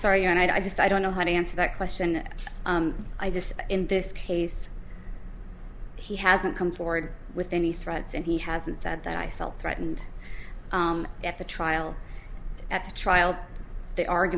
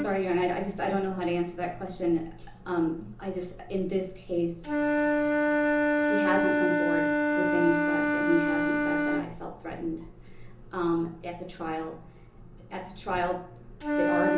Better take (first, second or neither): first